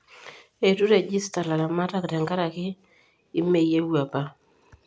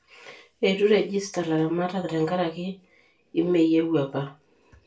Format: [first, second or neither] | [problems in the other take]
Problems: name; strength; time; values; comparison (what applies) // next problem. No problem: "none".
first | room echo; dies away in 0.2 s